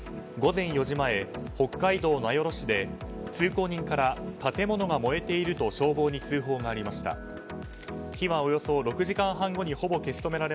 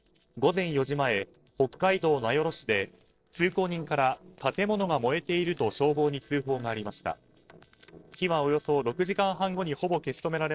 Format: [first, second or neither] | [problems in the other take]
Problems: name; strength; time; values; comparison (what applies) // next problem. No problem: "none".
first | noise reduction (neural separator model SepFormer DNS4)